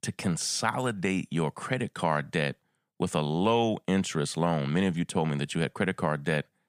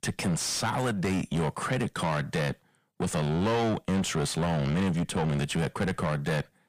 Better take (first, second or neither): first